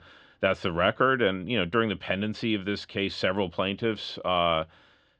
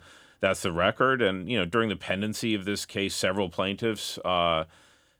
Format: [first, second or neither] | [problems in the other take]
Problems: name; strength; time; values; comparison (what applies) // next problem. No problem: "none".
second | muffled; very slightly; fading above 4.5 kHz